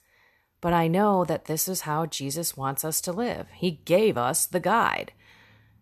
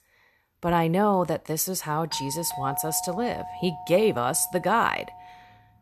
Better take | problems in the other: first | doorbell; noticeable; from 2 s on; peak 8 dB below the speech

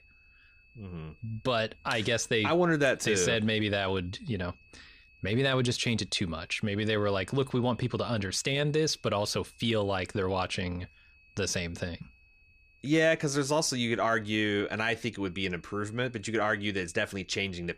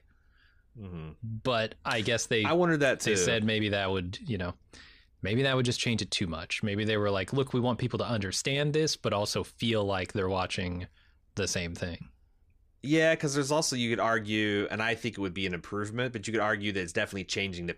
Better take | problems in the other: second | high-pitched whine; faint; throughout; 2.5 kHz, 30 dB below the speech

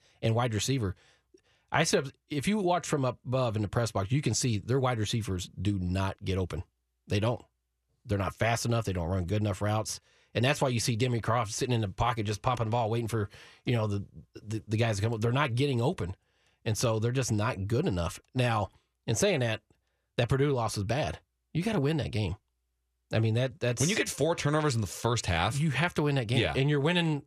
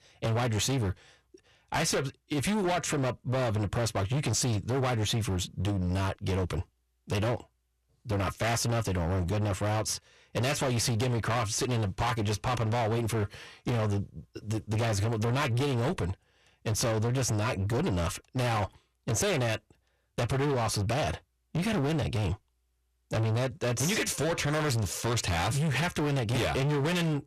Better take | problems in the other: first | distortion; heavy; 27% of the sound clipped

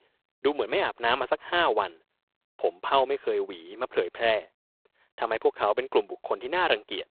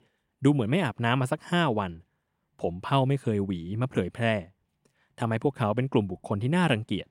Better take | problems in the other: second | phone-call audio; poor line

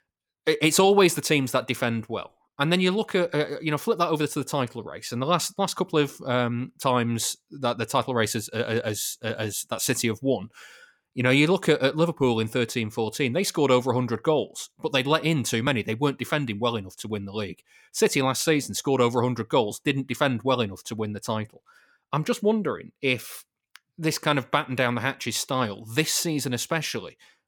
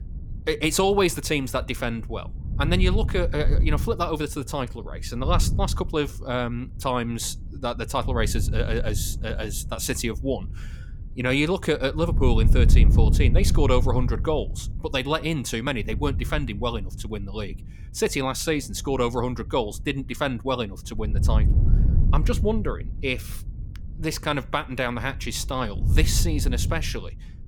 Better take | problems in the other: first | wind noise on the microphone; occasional gusts; 15 dB below the speech

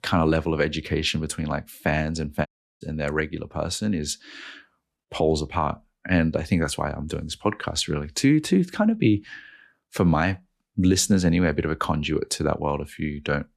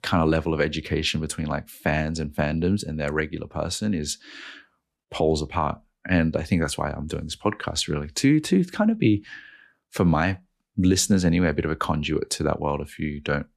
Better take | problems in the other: second | audio cutting out; at 2.5 s

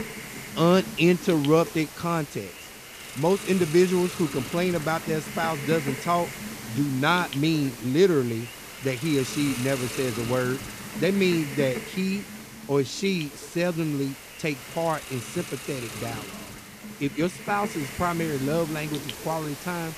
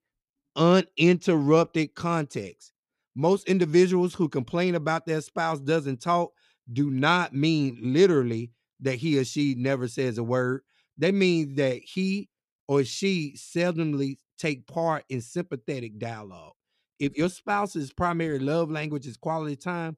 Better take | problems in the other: second | hiss; loud; throughout; 10 dB below the speech

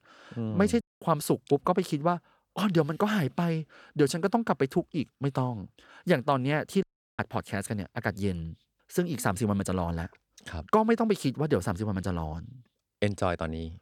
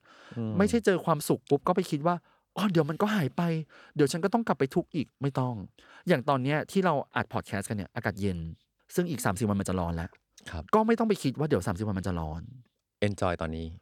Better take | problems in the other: second | audio cutting out; at 1 s and at 7 s

